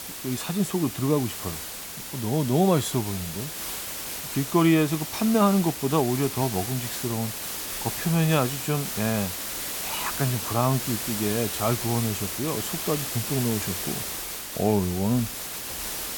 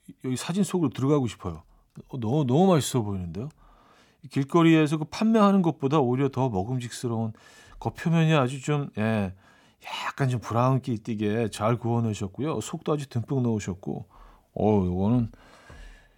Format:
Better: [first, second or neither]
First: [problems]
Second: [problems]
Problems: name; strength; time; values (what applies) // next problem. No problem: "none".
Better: second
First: hiss; loud; throughout; 4 dB below the speech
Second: none